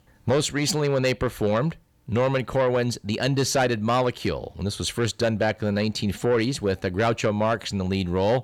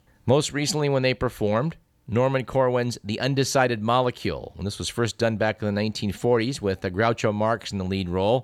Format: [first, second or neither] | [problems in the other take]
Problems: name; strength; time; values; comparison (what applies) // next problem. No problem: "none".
second | distortion; slight; 10 dB below the speech